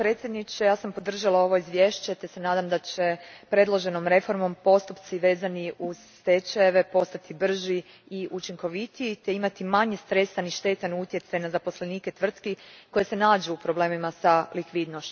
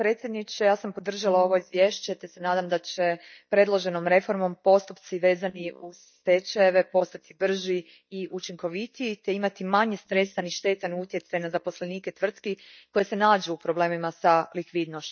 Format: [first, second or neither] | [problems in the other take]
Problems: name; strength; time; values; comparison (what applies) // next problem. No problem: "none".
first | noise reduction (neural mask model DeepFilterNet 3)